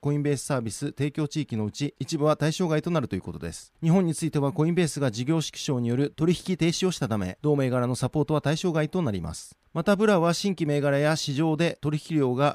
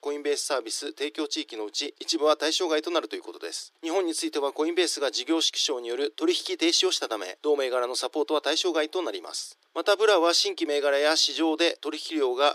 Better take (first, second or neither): first